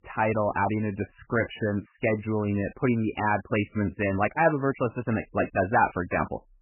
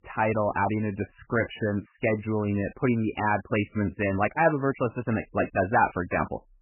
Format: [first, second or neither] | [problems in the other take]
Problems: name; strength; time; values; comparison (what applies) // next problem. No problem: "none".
neither | garbled, watery; badly; nothing above 3 kHz; the same in both